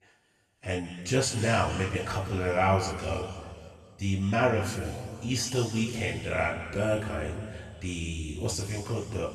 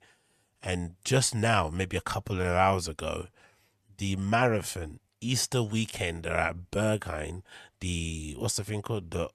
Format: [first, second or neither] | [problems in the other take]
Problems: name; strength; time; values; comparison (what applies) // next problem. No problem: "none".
second | room echo; noticeable; dies away in 2.1 s // off-mic speech; far